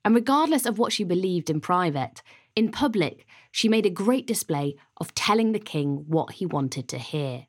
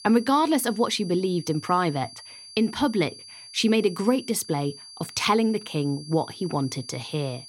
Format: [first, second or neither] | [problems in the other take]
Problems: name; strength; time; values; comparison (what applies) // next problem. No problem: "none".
first | high-pitched whine; noticeable; throughout; 4.5 kHz, 15 dB below the speech